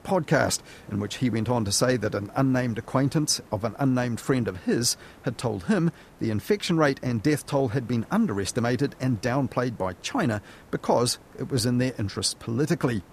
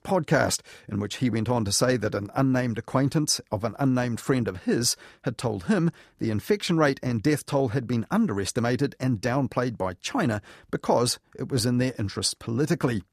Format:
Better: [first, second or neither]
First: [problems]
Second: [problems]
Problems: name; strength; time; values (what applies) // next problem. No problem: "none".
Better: second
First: hiss; faint; throughout; 25 dB below the speech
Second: none